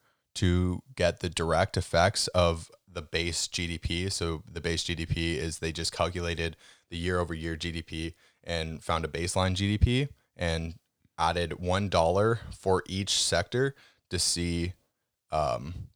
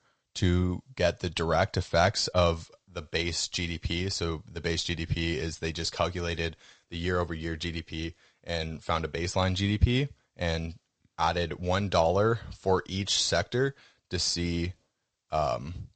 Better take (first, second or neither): first